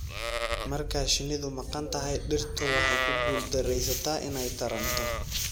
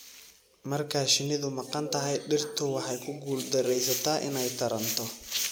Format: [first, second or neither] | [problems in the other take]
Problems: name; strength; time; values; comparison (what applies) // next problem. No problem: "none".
second | background sound (Livestock, farm animals, working animals); as loud as the speech